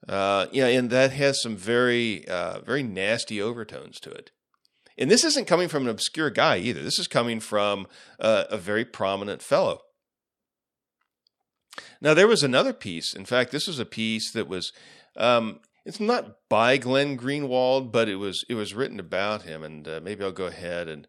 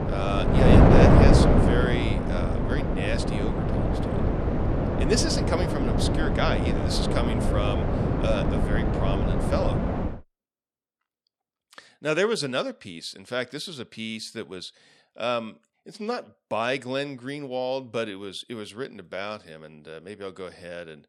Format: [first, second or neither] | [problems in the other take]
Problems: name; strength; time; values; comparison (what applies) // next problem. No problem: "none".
first | wind noise on the microphone; heavy; until 10 s; 3 dB above the speech